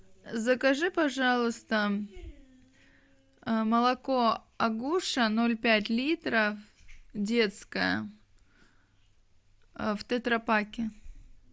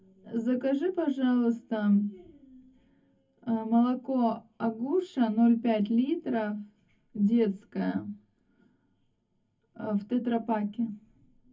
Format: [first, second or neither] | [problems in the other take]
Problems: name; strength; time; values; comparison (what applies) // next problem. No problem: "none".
first | room echo; dies away in 0.3 s